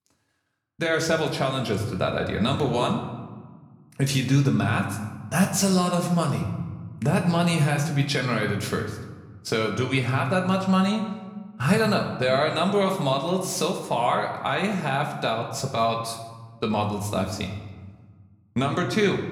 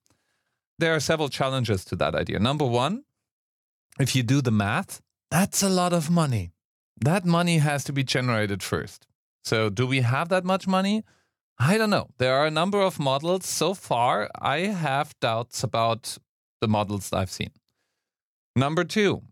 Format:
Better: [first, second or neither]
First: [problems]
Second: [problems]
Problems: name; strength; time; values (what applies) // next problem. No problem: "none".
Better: second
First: room echo; slight; dies away in 1.1 s // off-mic speech; somewhat distant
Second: none